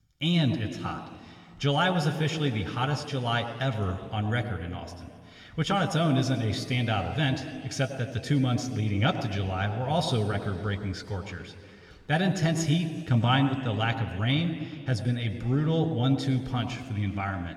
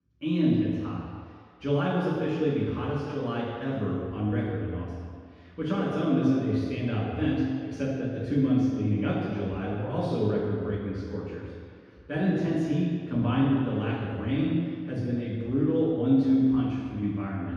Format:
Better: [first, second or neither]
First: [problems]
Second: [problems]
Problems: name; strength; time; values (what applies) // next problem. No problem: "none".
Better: first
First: room echo; slight; dies away in 2.2 s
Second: room echo; strong; dies away in 1.8 s // off-mic speech; far